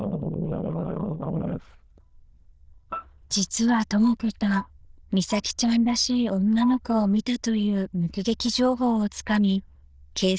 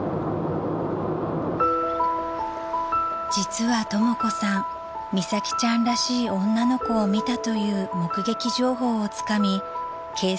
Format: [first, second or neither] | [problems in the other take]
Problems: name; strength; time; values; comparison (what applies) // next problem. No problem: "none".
second | noise reduction (neural diffusion model UNIVERSE++)